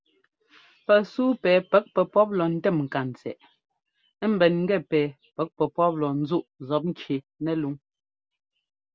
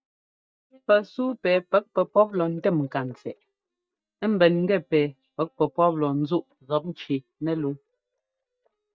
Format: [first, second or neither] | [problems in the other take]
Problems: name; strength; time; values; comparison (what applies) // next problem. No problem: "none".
first | noise reduction (neural mask model DeepFilterNet 3)